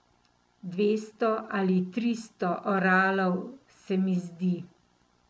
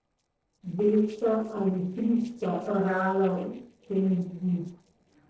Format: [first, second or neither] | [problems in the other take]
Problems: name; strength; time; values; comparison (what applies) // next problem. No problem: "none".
first | noise reduction (neural separator model SepFormer DNS4)